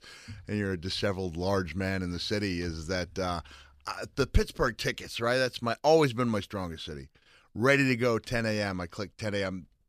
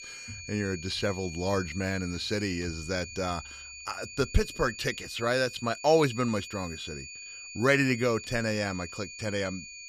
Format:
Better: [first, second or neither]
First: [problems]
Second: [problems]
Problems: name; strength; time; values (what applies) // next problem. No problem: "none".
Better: first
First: none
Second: high-pitched whine; noticeable; throughout; 2.5 kHz, 10 dB below the speech